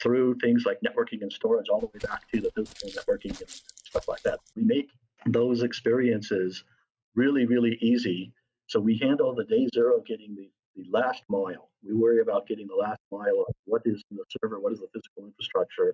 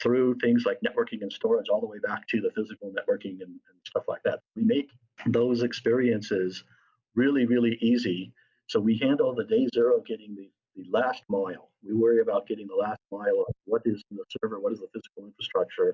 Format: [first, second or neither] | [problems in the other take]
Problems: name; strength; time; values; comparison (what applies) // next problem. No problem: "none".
second | noise reduction (neural mask model RNNoise)